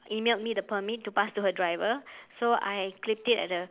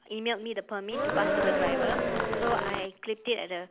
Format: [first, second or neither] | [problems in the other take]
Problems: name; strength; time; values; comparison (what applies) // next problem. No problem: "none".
first | background sound (Cheering); 5 dB above the speech